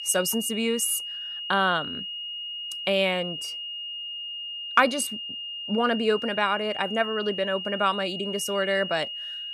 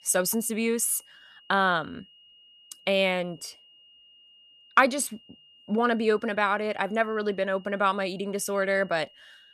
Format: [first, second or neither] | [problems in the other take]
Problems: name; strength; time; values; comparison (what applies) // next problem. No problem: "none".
second | high-pitched whine; loud; throughout; 3 kHz, 6 dB below the speech; faint in the second